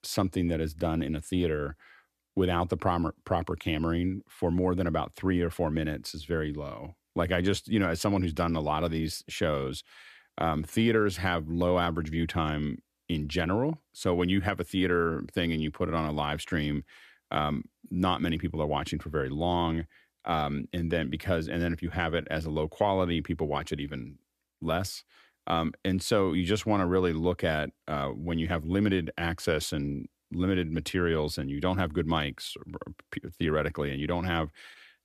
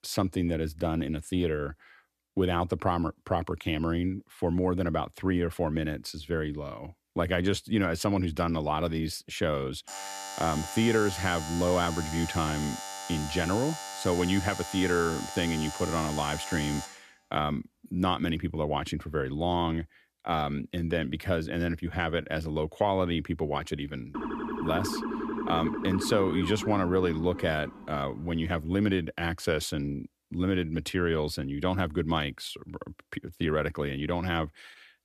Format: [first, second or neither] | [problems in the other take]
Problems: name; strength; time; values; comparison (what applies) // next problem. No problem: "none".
first | alarm; noticeable; from 10 to 17 s; peak 7 dB below the speech // siren; noticeable; from 24 to 28 s; peak 3 dB below the speech